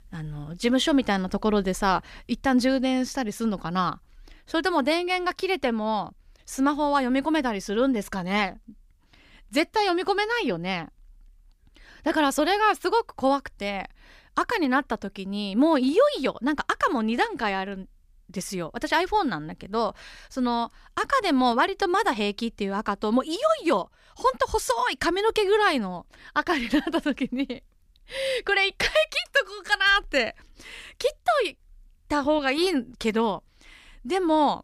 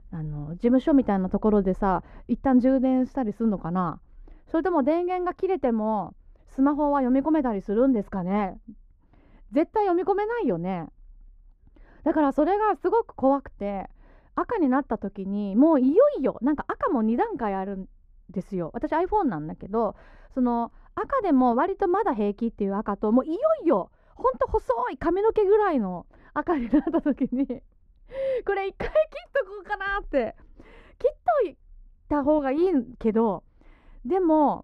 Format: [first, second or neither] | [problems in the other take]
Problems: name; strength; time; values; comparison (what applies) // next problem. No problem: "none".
first | muffled; very; fading above 2 kHz